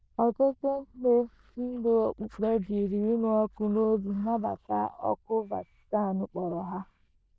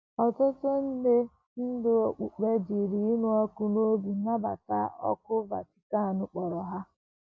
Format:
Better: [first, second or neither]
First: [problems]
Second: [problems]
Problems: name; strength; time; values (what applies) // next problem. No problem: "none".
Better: second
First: noise reduction (neural diffusion model UNIVERSE++)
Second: none